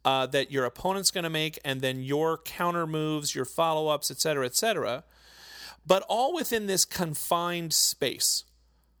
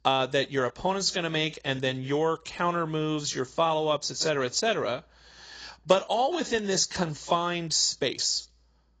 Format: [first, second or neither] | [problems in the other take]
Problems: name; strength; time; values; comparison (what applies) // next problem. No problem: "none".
first | garbled, watery; badly; nothing above 7.5 kHz